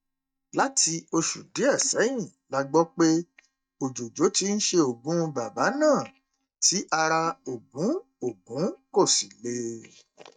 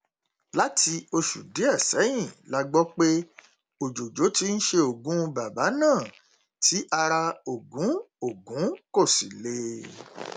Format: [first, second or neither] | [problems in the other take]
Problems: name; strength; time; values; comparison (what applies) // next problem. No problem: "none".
second | noise reduction (neural mask model DeepFilterNet 3)